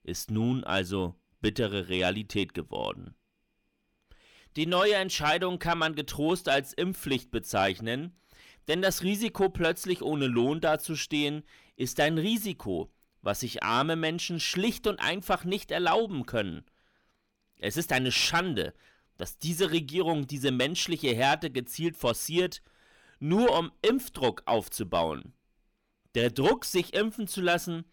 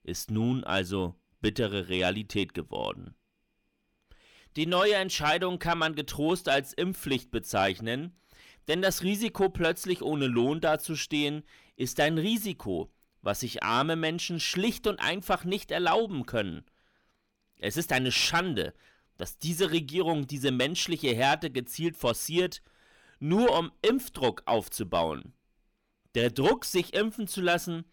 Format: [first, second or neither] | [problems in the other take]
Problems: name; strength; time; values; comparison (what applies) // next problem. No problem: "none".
neither | distortion; slight; 10 dB below the speech; the same in both